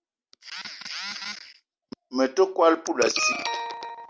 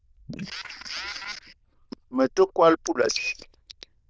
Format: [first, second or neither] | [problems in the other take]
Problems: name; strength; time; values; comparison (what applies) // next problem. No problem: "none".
first | noise reduction (neural diffusion model UNIVERSE++)